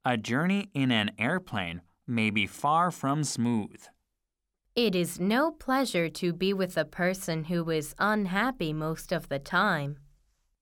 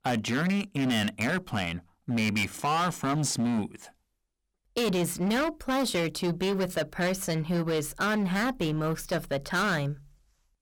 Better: first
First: none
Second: distortion; heavy; 18% of the sound clipped

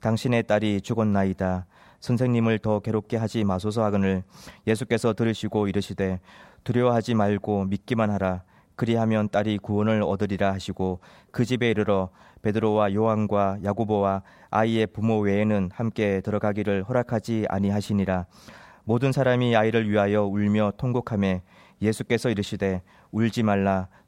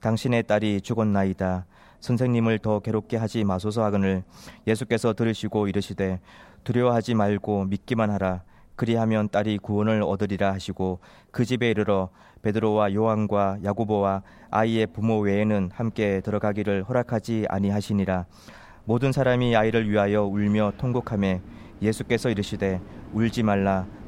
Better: first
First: none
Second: wind in the background; faint; throughout; 25 dB below the speech

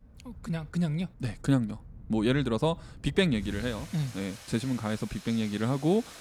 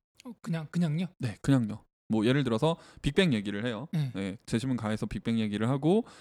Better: second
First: rain or running water; noticeable; throughout; 15 dB below the speech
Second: none

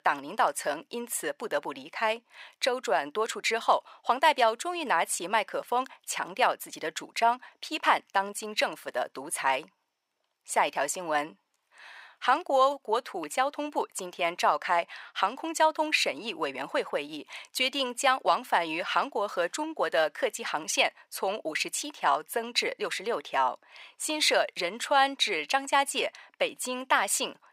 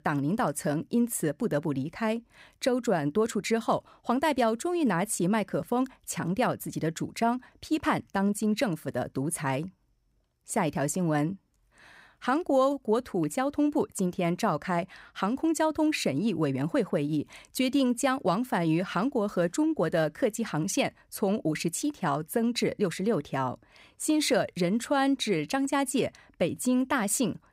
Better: second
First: thin; very; fading below 600 Hz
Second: none

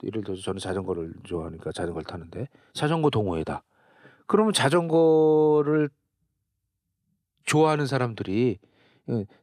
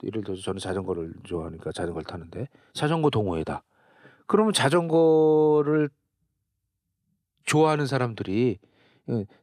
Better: neither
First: none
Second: none

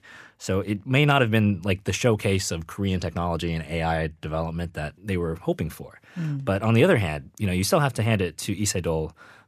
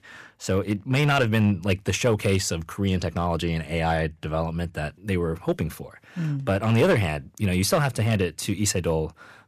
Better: first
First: none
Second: distortion; slight; 2% of the sound clipped

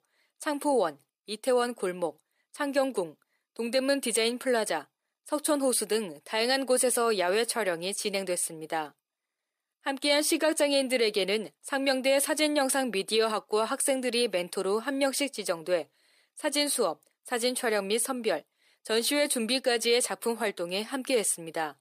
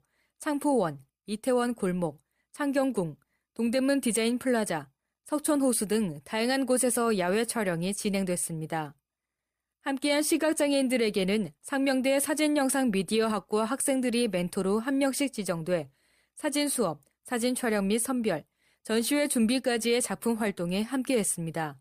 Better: second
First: thin; very slightly; fading below 400 Hz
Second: none

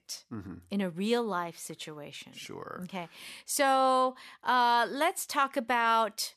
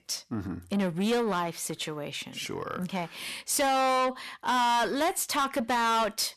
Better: first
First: none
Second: distortion; heavy; 7 dB below the speech

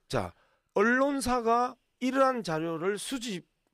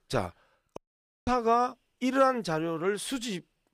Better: first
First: none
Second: audio cutting out; at 1 s for 0.5 s

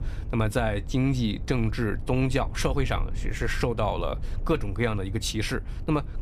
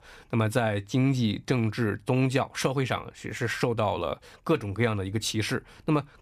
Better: second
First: low rumble; faint; throughout; 20 dB below the speech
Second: none

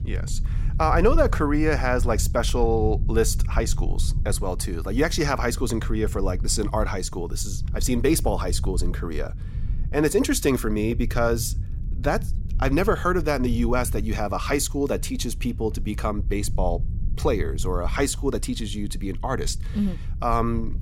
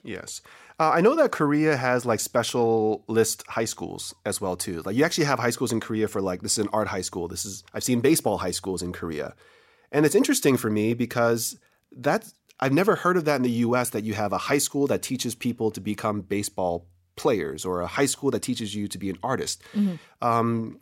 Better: second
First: low rumble; noticeable; throughout; 20 dB below the speech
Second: none

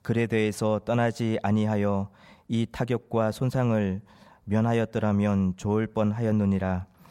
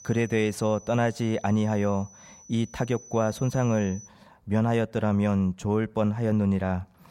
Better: first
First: none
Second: high-pitched whine; faint; until 4 s; 6 kHz, 20 dB below the speech

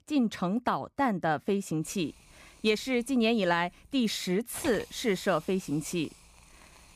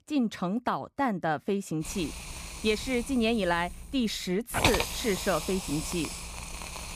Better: first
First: hiss; faint; from 2 s on; 20 dB below the speech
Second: hiss; loud; from 2 s on; 4 dB below the speech

